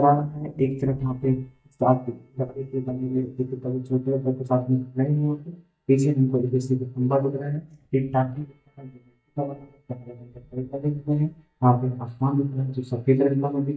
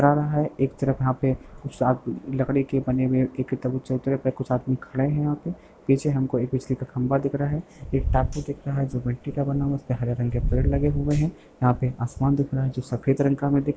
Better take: second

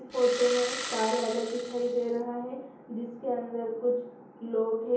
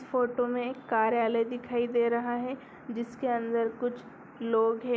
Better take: second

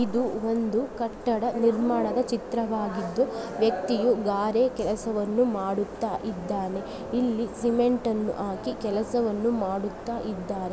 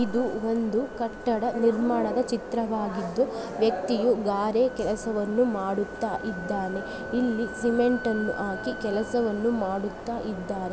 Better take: first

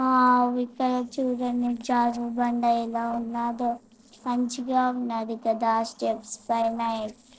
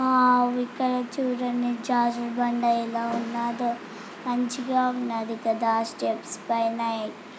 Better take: second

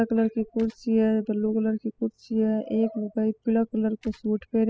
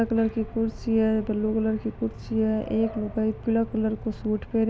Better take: second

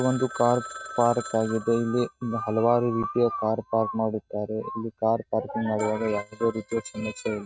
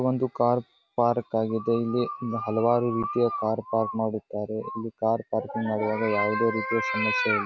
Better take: second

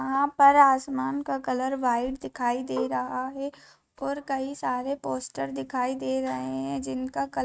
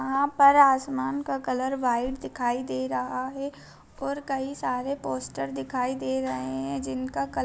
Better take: second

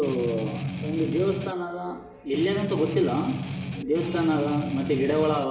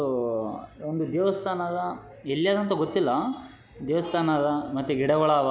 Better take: second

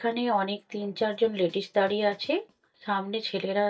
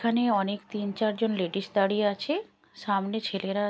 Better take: second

